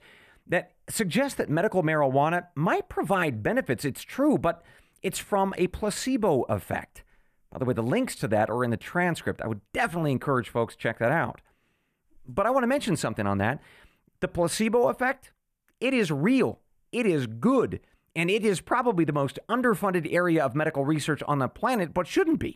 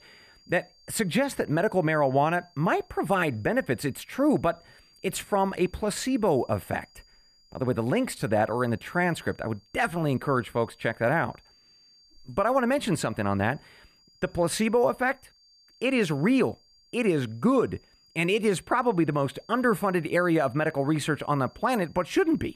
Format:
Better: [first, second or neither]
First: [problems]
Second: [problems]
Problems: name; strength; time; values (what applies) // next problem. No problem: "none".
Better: first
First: none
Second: high-pitched whine; faint; throughout; 4.5 kHz, 30 dB below the speech